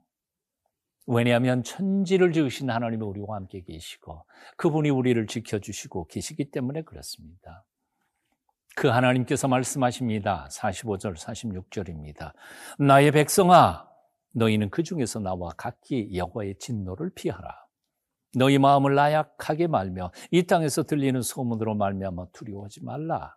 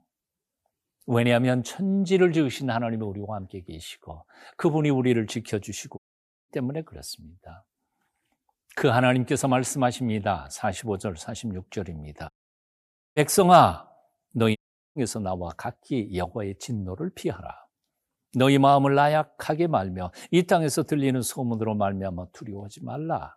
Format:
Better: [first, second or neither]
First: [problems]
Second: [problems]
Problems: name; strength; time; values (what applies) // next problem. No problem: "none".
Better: first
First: none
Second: audio cutting out; at 6 s for 0.5 s, at 12 s for 1 s and at 15 s